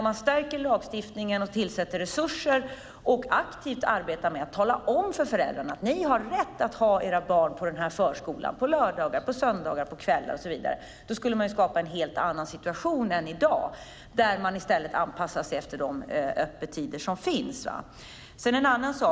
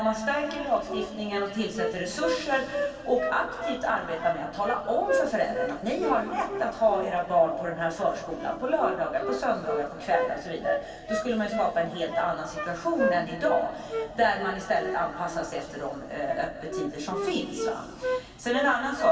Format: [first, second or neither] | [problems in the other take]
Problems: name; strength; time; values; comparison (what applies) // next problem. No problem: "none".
first | background sound (Wind instrument, woodwind instrument); 6 dB below the speech // room echo; dies away in 2.5 s